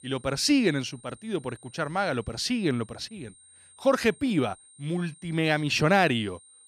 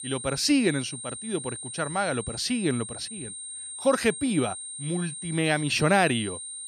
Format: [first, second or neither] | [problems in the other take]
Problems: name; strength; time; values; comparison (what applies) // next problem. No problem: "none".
first | high-pitched whine; loud; throughout; 8.5 kHz, 9 dB below the speech; faint in the first